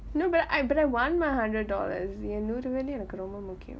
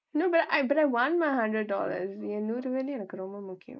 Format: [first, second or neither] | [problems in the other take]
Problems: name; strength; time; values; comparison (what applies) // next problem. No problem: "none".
first | noise reduction (neural mask model Resemble Enhance denoiser)